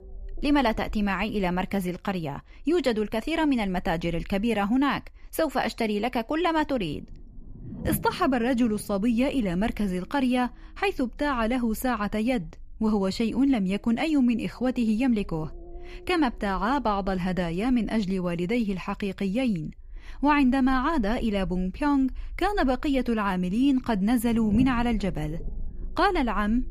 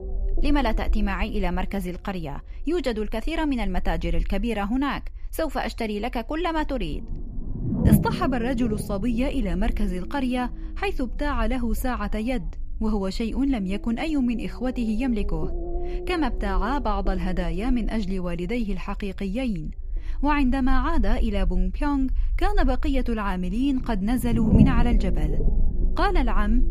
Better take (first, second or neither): first